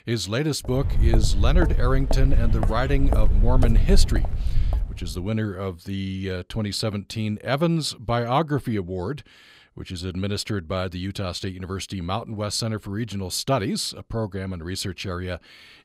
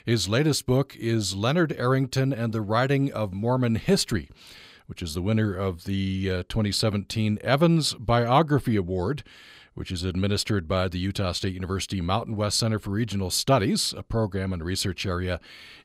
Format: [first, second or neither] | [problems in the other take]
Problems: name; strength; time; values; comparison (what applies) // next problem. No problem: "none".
second | footsteps; loud; from 1 to 5 s; peak 5 dB above the speech